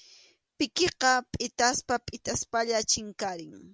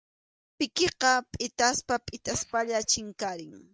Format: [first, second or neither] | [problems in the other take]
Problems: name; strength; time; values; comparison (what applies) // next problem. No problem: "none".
first | noise reduction (neural mask model DeepFilterNet 3)